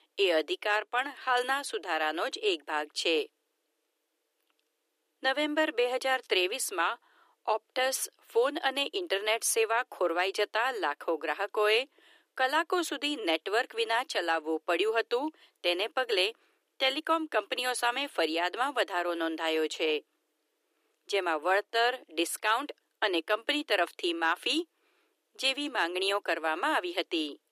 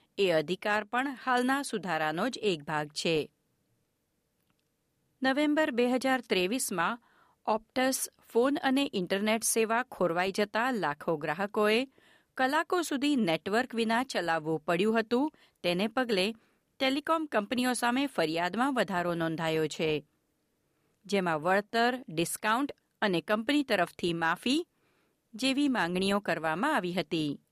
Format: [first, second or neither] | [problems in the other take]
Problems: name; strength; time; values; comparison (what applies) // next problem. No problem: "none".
second | thin; somewhat; fading below 300 Hz